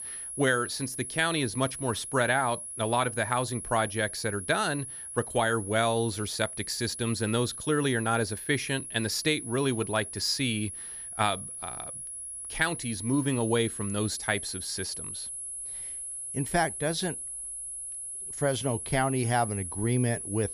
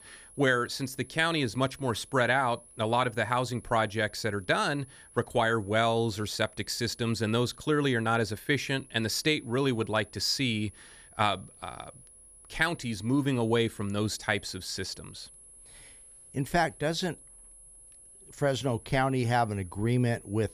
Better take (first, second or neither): second